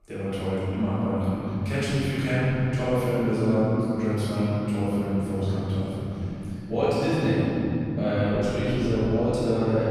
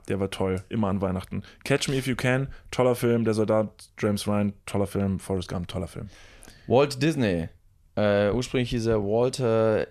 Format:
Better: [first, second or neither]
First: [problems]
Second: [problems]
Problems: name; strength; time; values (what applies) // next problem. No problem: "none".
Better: second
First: room echo; strong; dies away in 3 s // off-mic speech; far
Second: none